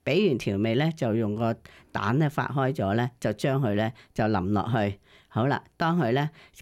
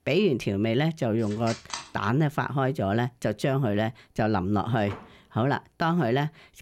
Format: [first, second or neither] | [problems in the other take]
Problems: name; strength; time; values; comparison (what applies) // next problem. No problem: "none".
first | phone ringing; noticeable; at 1.5 s; peak 9 dB below the speech // door banging; faint; at 5 s; peak 15 dB below the speech